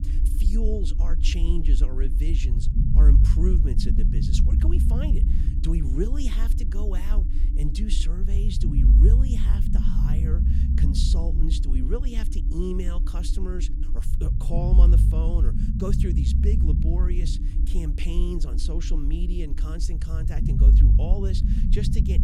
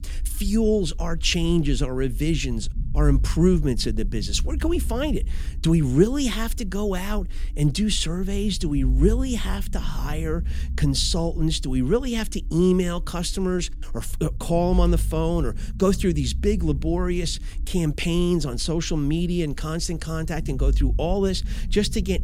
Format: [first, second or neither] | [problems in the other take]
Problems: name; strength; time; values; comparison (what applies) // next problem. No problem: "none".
second | low rumble; loud; throughout; 3 dB below the speech; faint in the second